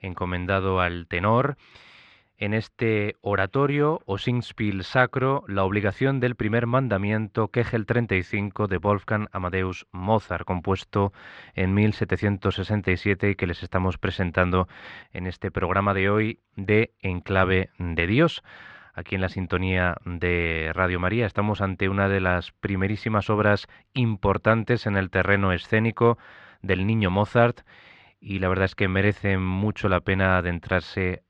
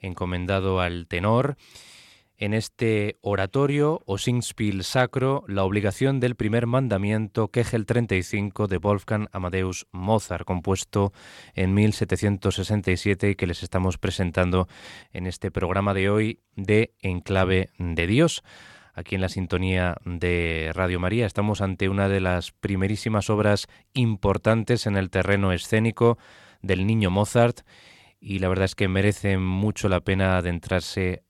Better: second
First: muffled; slightly; fading above 3.5 kHz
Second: none

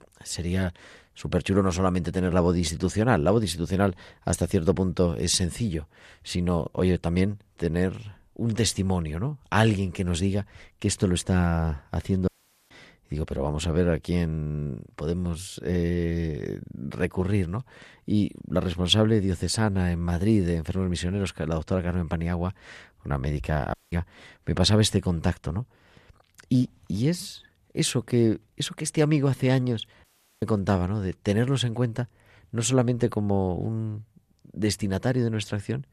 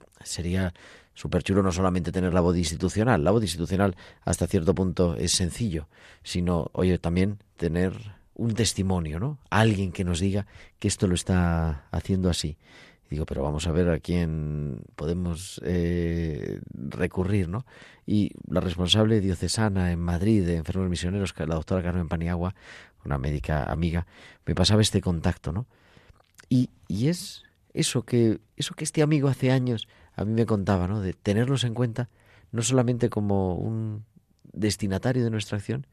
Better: second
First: audio cutting out; at 12 s, at 24 s and at 30 s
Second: none

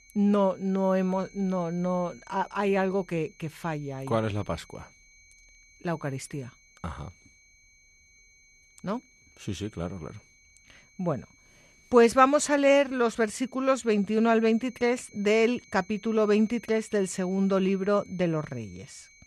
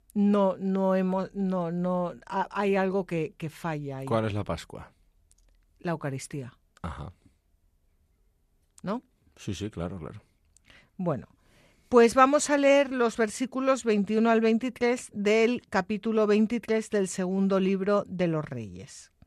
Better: second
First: high-pitched whine; faint; throughout; 2.5 kHz, 30 dB below the speech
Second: none

